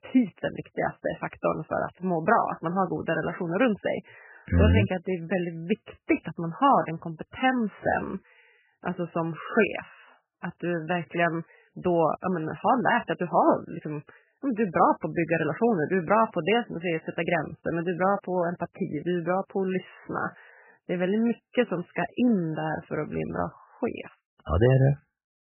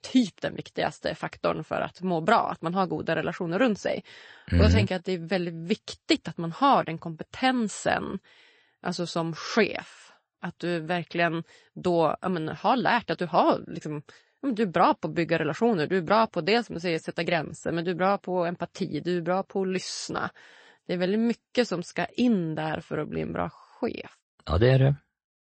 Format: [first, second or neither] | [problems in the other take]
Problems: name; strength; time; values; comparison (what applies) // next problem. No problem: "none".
second | garbled, watery; badly; nothing above 3 kHz; slightly in the second